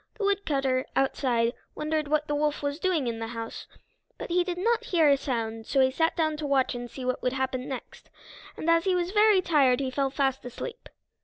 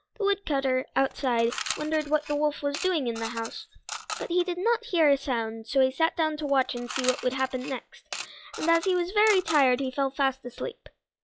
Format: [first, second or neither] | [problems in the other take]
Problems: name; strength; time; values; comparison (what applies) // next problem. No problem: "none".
first | noise reduction (classical method log-MMSE)